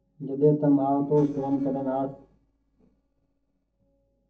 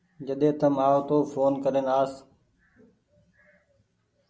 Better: second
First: noise reduction (neural separator model SepFormer DNS4)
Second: none

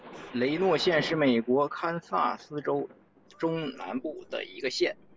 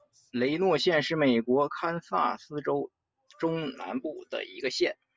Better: second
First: background sound (Thunder); 16 dB below the speech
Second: none

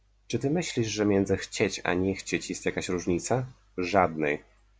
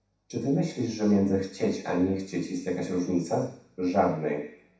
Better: first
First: none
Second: room echo; dies away in 0.7 s

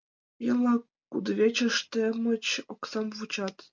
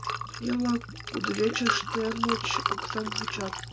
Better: first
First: none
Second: background sound (Liquid); 1 dB below the speech

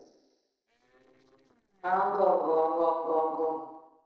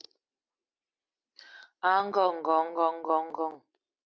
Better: second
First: noise reduction (neural separator model SepFormer DNS4)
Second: none

